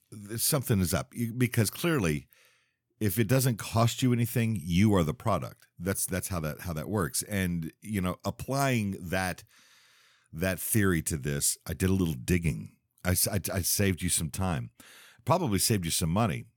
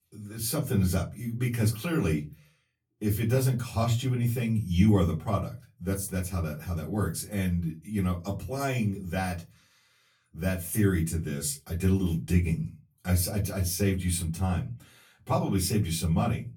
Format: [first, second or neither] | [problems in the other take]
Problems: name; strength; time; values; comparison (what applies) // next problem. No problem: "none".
first | off-mic speech; far // room echo; very slight; dies away in 0.3 s